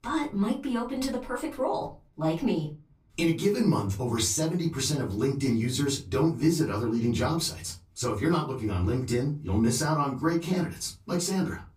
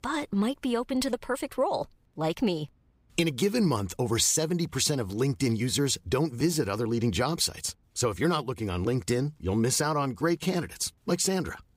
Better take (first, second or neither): second